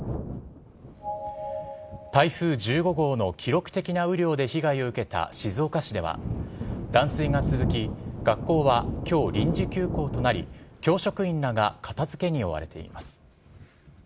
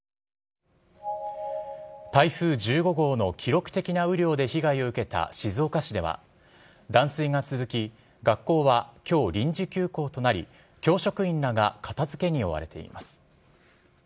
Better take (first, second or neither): second